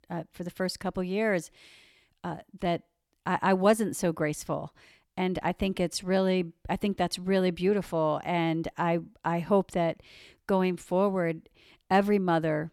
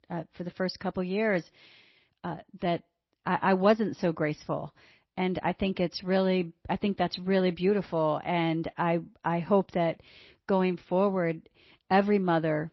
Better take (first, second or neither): first